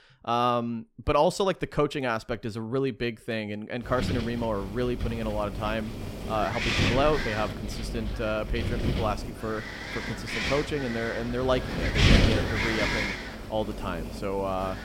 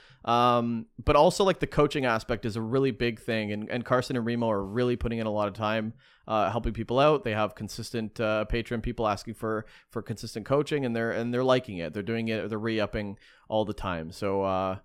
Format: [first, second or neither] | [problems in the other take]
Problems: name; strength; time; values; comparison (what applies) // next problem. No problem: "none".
second | wind noise on the microphone; heavy; from 4 s on; 1 dB below the speech